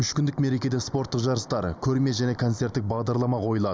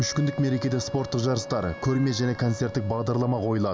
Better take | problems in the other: first | background sound (Wind instrument, woodwind instrument); 14 dB below the speech

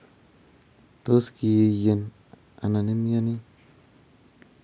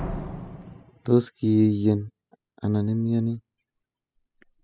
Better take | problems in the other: first | noise reduction (classical method spectral subtraction)

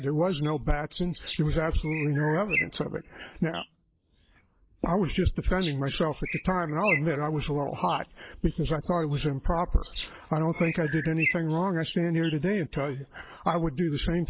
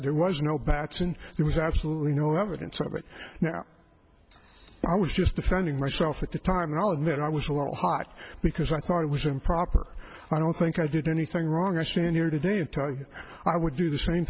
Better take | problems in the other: second | noise reduction (neural mask model Resemble Enhance denoiser)

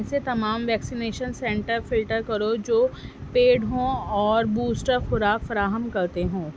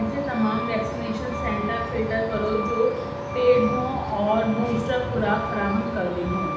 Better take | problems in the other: first | background sound (Truck); 6 dB below the speech // room echo; dies away in 0.8 s

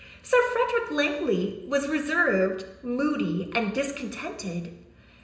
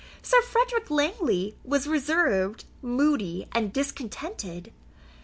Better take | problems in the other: second | room echo; dies away in 0.9 s

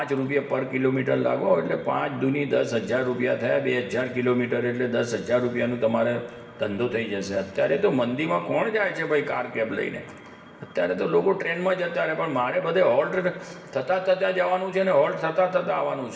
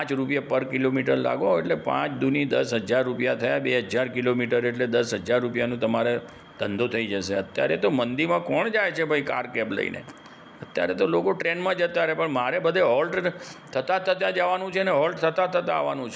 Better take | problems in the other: second | room echo; dies away in 1.8 s

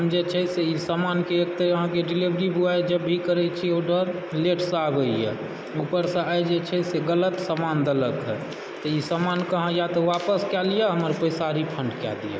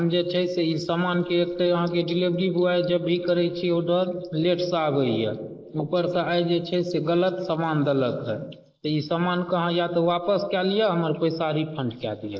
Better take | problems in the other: first | noise reduction (neural mask model Resemble Enhance denoiser)

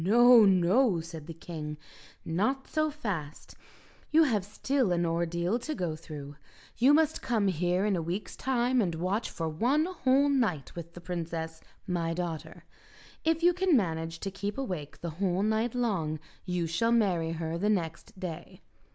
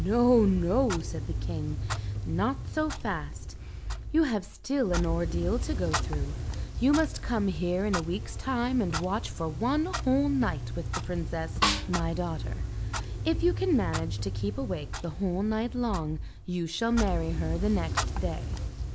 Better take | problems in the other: first | background sound (Clock + Snare drum); 3 dB below the speech

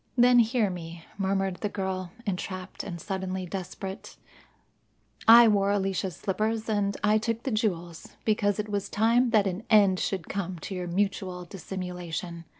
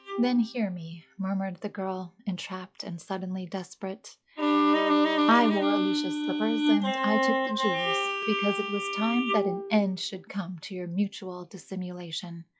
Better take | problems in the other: first | noise reduction (classical method log-MMSE)

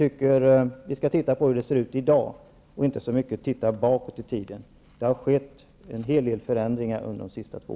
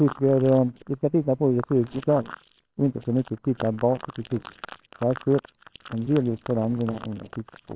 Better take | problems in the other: first | noise reduction (neural separator model SepFormer WHAMR!)

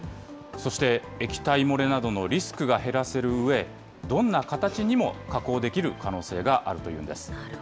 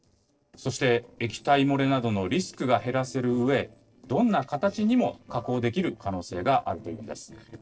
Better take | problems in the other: first | noise reduction (neural separator model SepFormer DNS4)

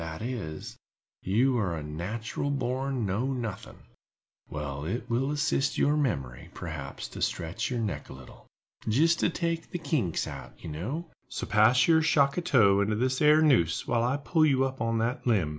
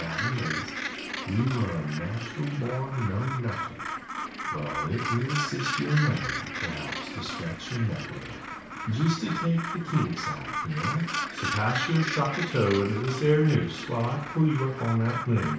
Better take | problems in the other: first | background sound (Gull, seagull); 6 dB below the speech // room echo; dies away in 0.6 s

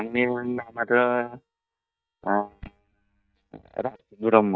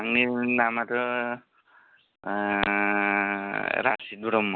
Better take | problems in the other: second | noise reduction (neural mask model DeepFilterNet 3)

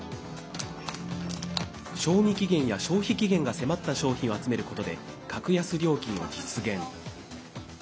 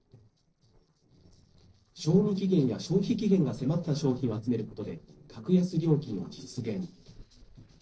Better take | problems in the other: first | noise reduction (neural separator model SepFormer DNS4)

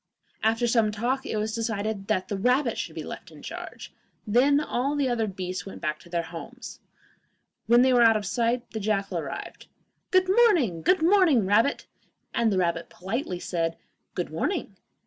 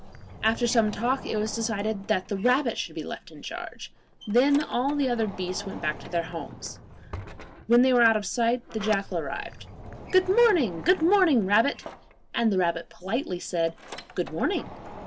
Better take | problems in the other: first | background sound (Sliding door); 15 dB below the speech

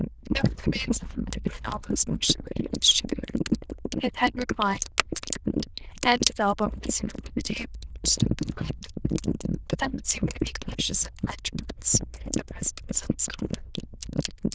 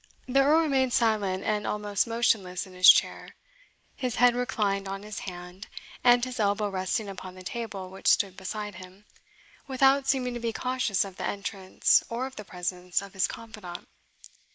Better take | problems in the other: second | noise reduction (neural diffusion model UNIVERSE++)

